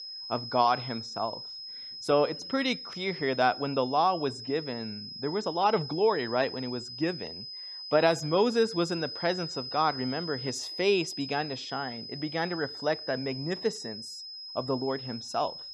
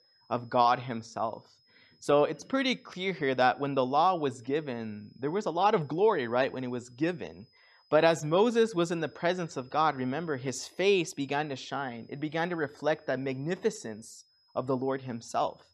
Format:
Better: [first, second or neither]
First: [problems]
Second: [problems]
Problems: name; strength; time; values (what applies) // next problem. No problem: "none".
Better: second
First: high-pitched whine; loud; throughout; 5 kHz, 9 dB below the speech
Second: high-pitched whine; faint; throughout; 5 kHz, 35 dB below the speech